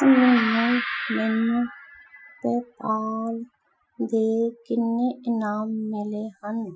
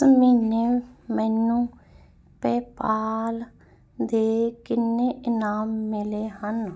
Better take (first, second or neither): second